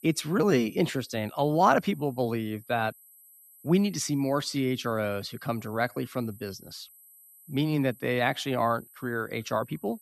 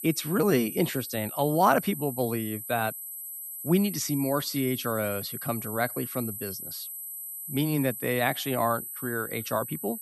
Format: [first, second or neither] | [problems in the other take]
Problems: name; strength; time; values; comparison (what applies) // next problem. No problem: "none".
first | high-pitched whine; loud; throughout; 12 kHz, 7 dB below the speech; faint in the first